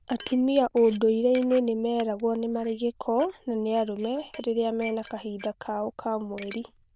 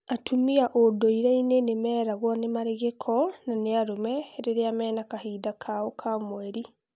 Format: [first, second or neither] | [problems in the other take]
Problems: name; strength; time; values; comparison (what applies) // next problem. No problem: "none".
second | noise reduction (neural diffusion model UNIVERSE++)